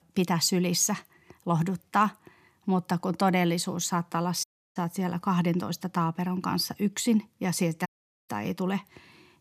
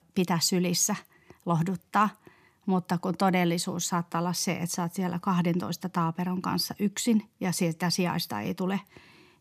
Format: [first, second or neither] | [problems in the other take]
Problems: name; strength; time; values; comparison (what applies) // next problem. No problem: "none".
second | audio cutting out; at 4.5 s and at 8 s